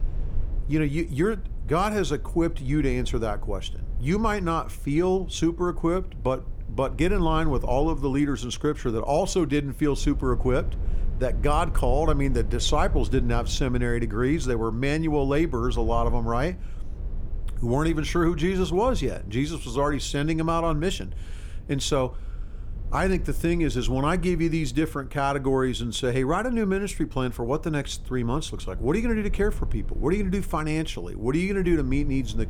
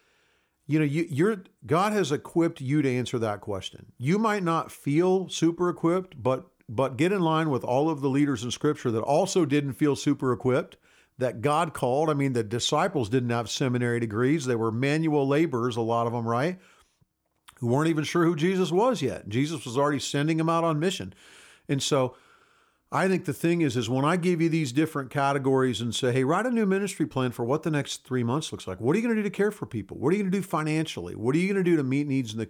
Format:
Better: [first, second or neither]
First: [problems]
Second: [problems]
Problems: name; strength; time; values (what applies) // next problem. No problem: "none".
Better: second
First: low rumble; faint; throughout; 25 dB below the speech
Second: none